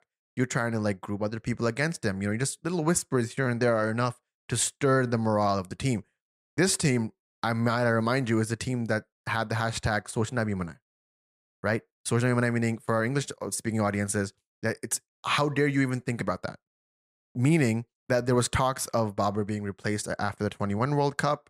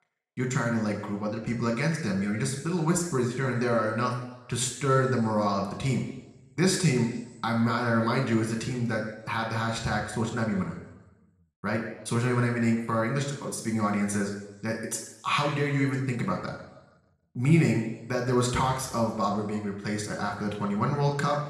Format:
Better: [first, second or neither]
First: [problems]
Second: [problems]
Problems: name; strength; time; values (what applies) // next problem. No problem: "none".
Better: first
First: none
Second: room echo; noticeable; dies away in 1 s // off-mic speech; somewhat distant